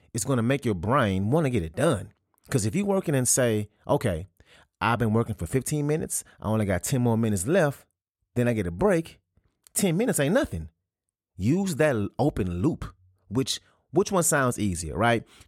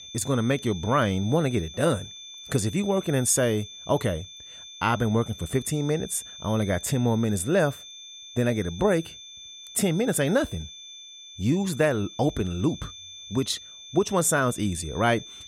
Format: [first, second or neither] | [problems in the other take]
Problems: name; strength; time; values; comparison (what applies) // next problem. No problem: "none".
first | high-pitched whine; noticeable; throughout; 3.5 kHz, 15 dB below the speech